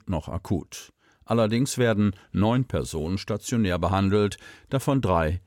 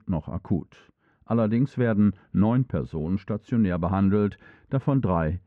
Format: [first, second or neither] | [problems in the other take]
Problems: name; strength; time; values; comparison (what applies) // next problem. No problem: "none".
first | muffled; very; fading above 1.5 kHz